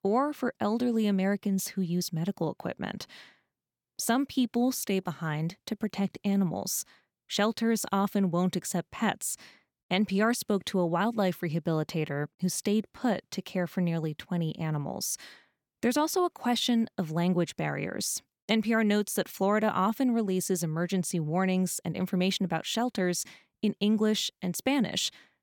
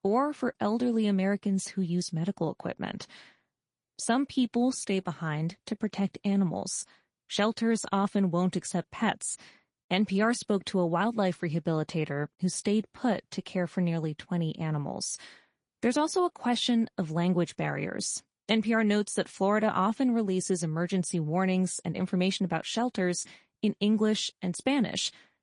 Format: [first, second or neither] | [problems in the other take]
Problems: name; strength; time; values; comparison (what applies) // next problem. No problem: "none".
first | garbled, watery; slightly; nothing above 10.5 kHz